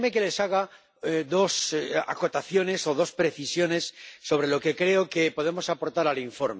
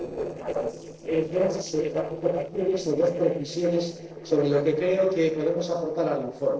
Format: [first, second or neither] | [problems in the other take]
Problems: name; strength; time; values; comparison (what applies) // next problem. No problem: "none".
first | noise reduction (neural separator model SepFormer DNS4)